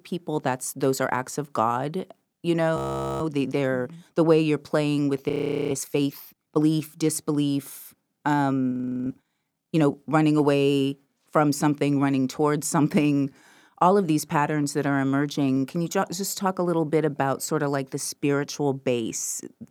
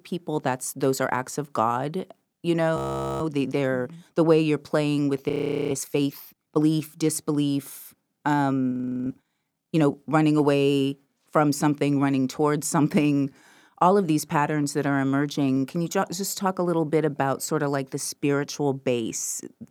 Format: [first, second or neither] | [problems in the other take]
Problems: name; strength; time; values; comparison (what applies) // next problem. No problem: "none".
neither | audio freezing; at 3 s, at 5.5 s and at 8.5 s; the same in both